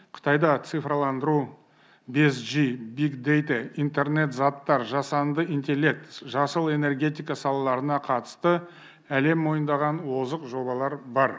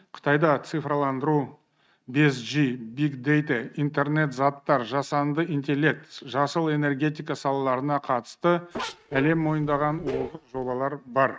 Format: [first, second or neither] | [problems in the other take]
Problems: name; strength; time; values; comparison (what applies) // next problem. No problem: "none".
first | noise reduction (neural mask model RNNoise)